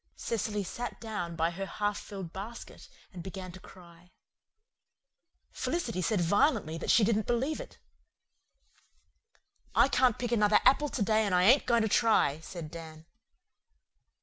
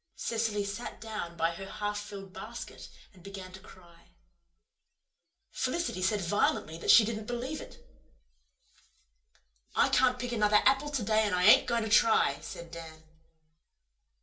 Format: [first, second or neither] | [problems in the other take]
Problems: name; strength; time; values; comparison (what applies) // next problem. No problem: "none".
first | room echo; dies away in 0.3 s